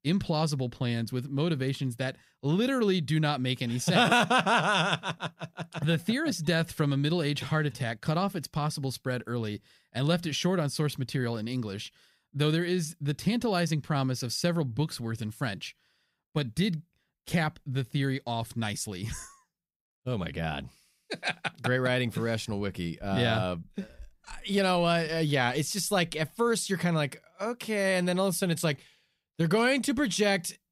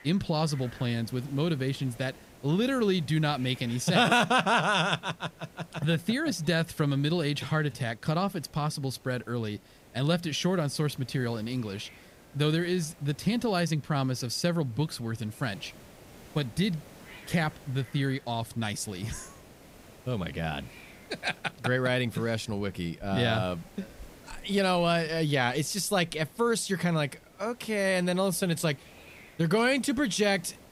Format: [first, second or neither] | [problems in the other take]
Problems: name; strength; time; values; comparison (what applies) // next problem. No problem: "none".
first | hiss; faint; throughout; 25 dB below the speech